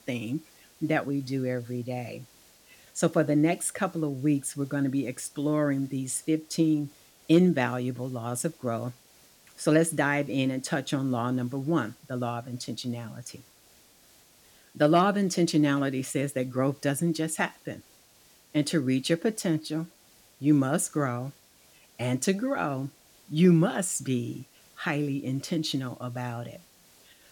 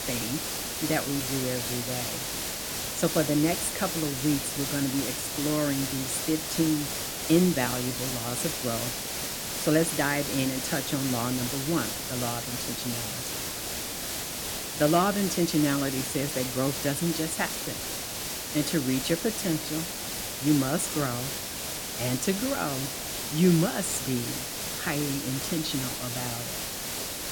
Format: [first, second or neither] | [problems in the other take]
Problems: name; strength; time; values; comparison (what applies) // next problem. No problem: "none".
first | hiss; loud; throughout; 2 dB below the speech; faint in the first